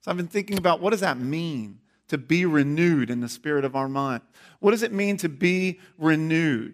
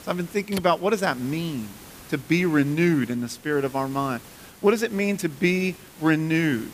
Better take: first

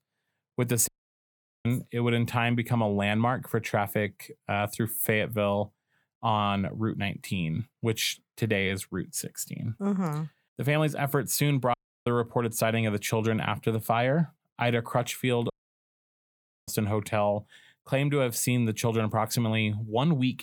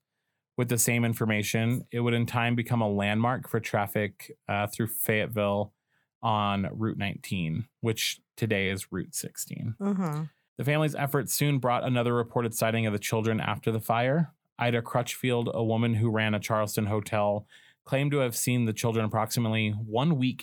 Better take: second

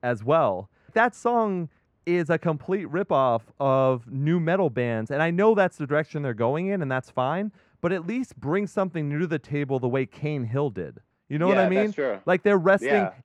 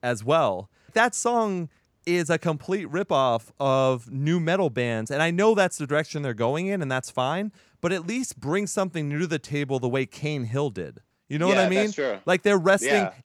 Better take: second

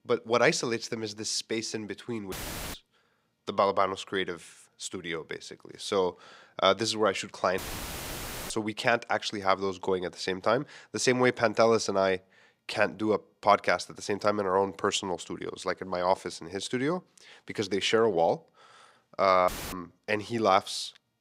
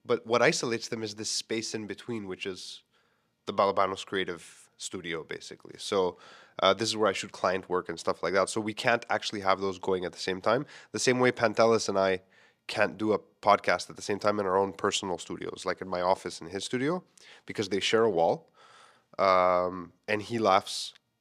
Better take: second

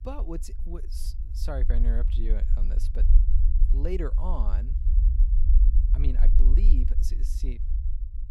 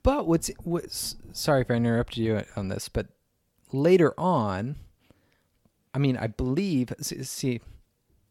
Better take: second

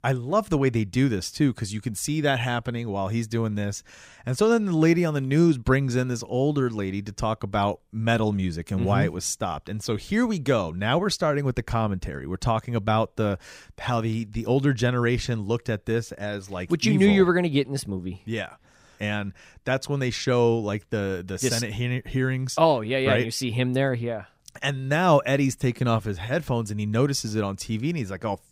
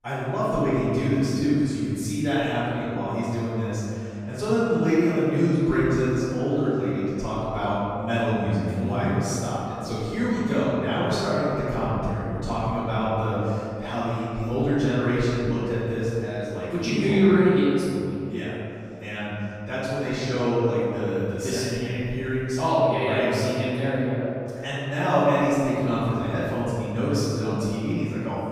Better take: first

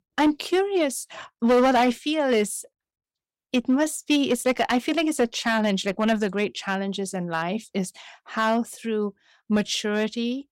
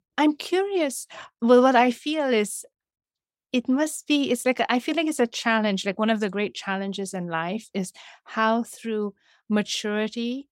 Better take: second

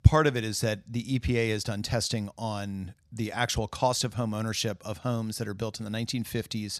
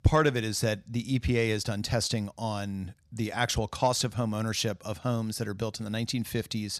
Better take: first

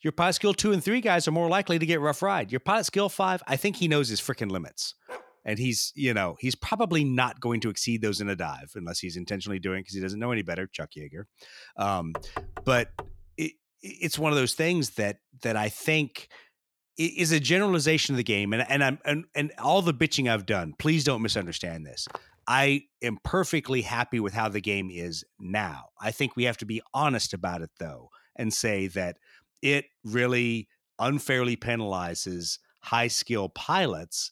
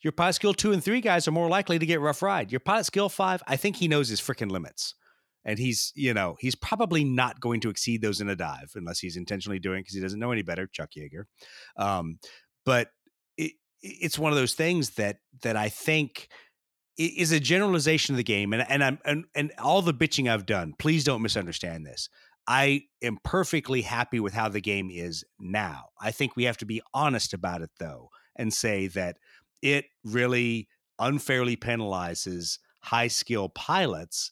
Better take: second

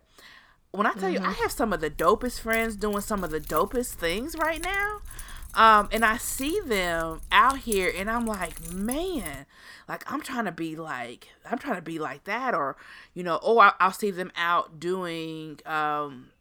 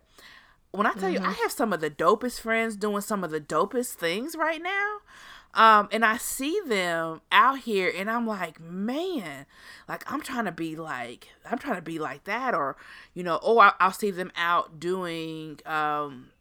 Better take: second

